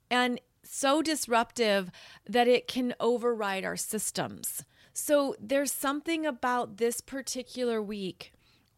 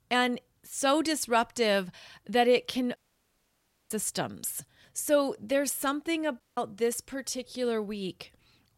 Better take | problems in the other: first | audio cutting out; at 3 s for 1 s and at 6.5 s

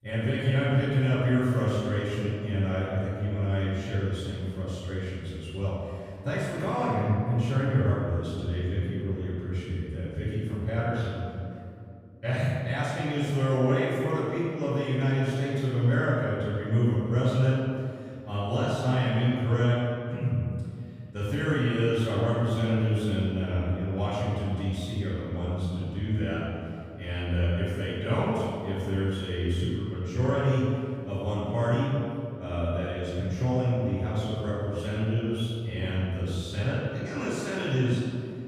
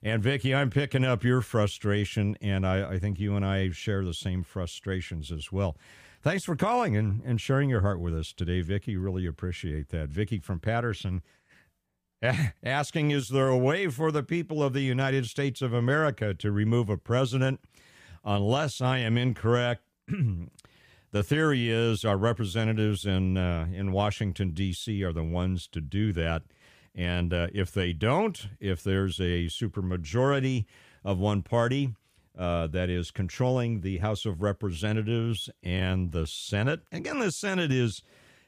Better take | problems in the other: second | off-mic speech; far // room echo; strong; dies away in 2.3 s

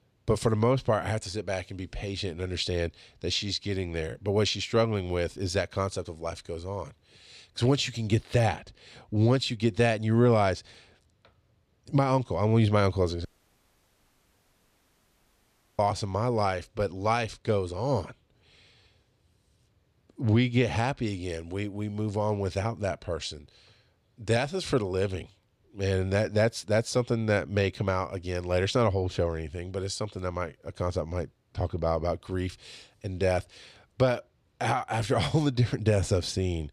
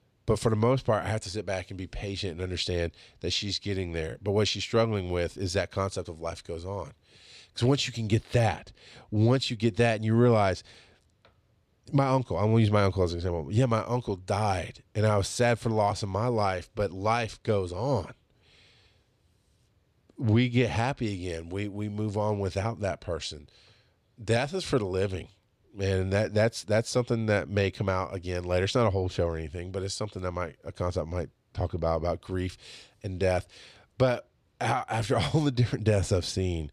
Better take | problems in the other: second | audio cutting out; at 13 s for 2.5 s

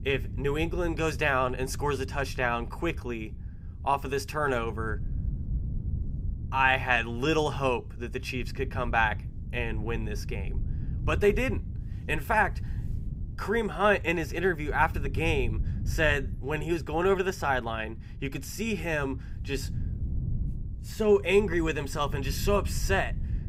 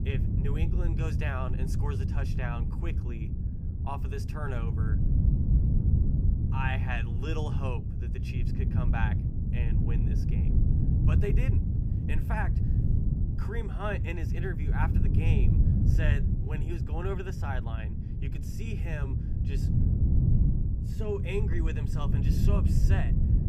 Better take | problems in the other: first | wind noise on the microphone; heavy; 3 dB below the speech; occasional gusts in the first

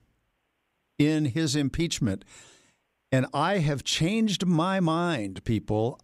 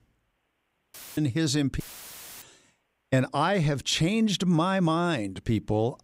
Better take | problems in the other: first | audio cutting out; filled with static; at 1 s and at 2 s for 0.5 s

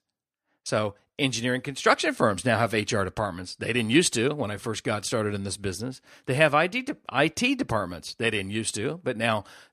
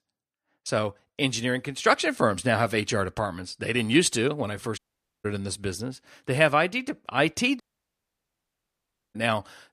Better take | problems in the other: first | audio cutting out; at 5 s and at 7.5 s for 1.5 s

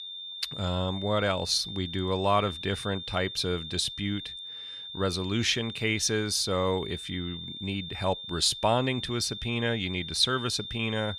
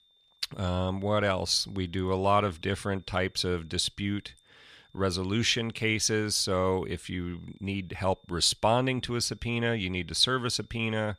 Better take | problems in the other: second | high-pitched whine; loud; throughout; 3.5 kHz, 9 dB below the speech; faint in the second

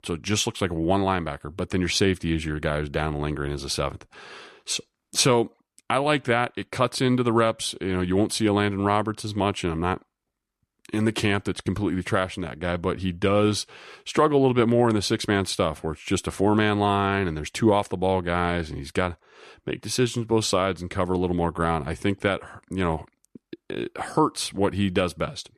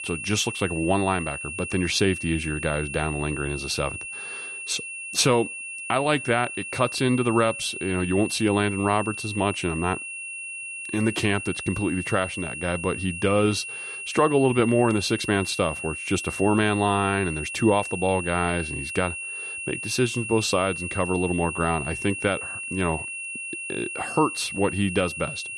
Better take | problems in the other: first | high-pitched whine; loud; throughout; 2.5 kHz, 7 dB below the speech

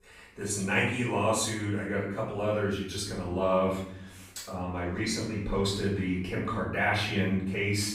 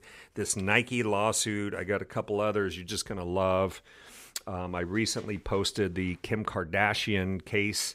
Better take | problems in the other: second | off-mic speech; far // room echo; noticeable; dies away in 0.8 s

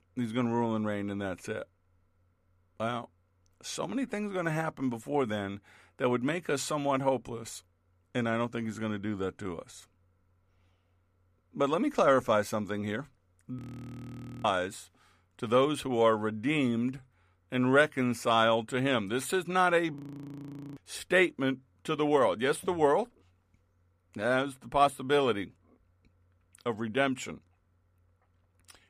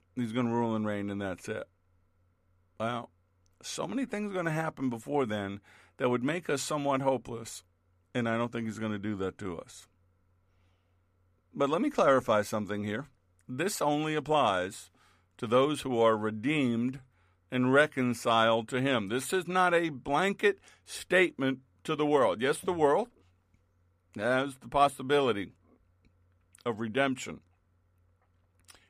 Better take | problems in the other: second | audio freezing; at 14 s for 1 s and at 20 s for 1 s

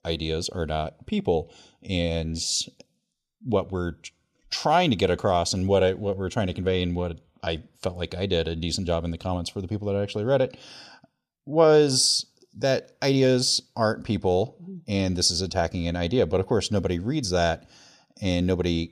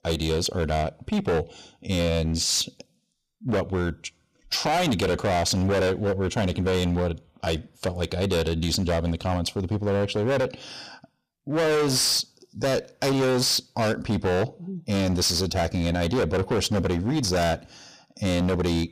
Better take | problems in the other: first | distortion; heavy; 21% of the sound clipped

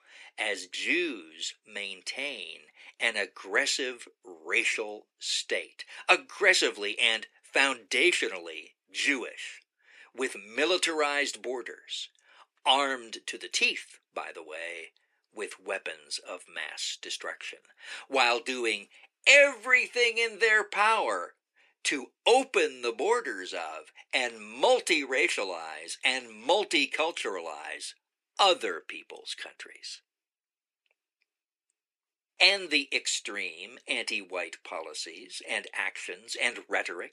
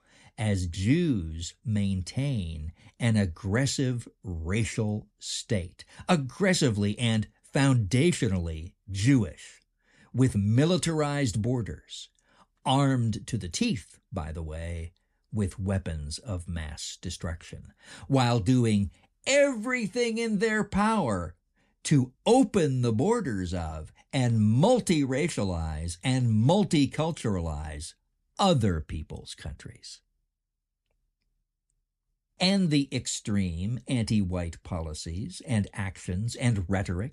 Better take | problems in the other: second | thin; very; fading below 350 Hz

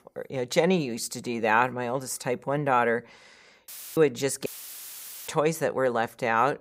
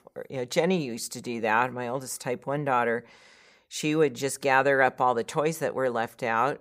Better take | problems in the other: second | audio cutting out; filled with static; at 3.5 s and at 4.5 s for 1 s

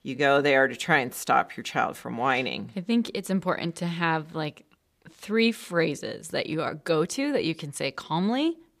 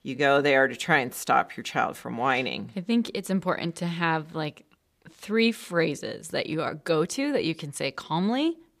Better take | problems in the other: neither | none

